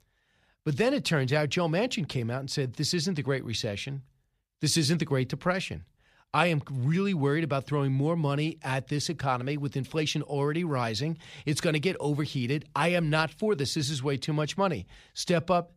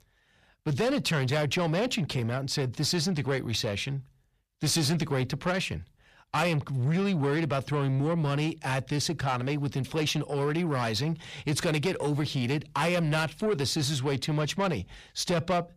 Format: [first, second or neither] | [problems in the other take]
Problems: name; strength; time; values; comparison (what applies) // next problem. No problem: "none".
first | distortion; slight; 10 dB below the speech